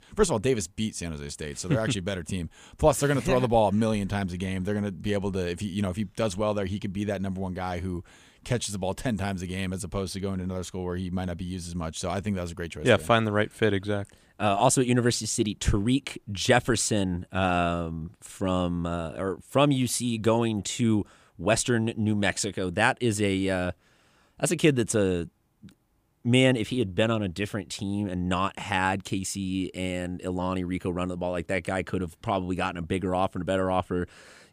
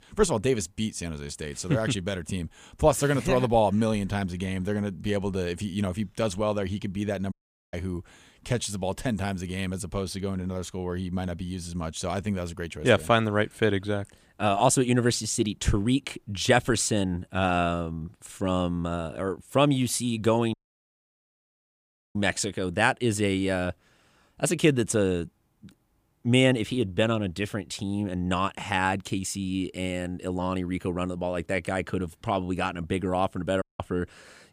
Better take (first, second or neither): first